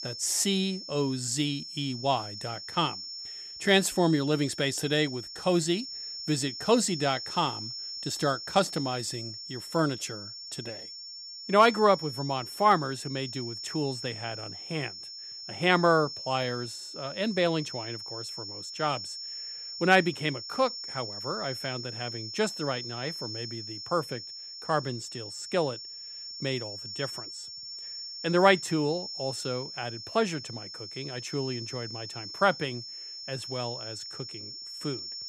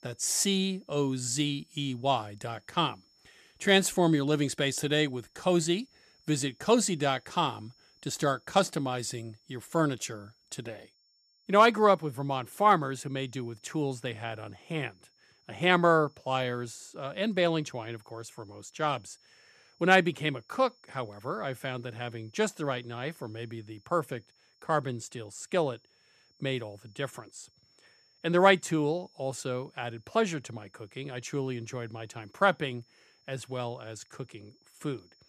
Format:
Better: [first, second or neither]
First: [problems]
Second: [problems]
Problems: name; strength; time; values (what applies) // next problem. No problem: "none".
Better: second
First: high-pitched whine; loud; throughout; 5.5 kHz, 9 dB below the speech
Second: high-pitched whine; faint; throughout; 5.5 kHz, 35 dB below the speech